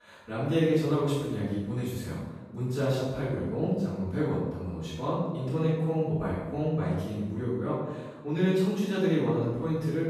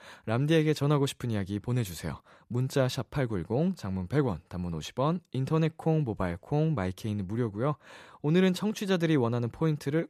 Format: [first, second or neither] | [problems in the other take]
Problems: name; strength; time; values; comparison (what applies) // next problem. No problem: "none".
second | off-mic speech; far // room echo; strong; dies away in 1.1 s